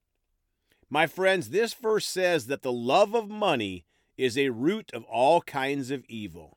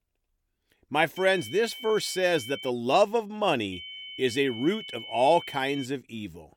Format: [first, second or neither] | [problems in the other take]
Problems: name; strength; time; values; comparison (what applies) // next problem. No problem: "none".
first | high-pitched whine; noticeable; from 1 to 2.5 s and from 3.5 to 6 s; 3 kHz, 15 dB below the speech